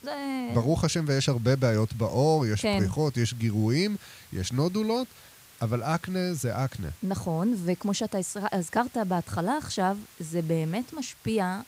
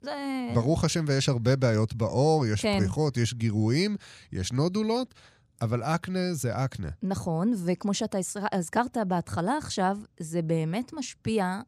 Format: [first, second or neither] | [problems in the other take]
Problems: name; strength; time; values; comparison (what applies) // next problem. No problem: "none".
second | hiss; faint; throughout; 25 dB below the speech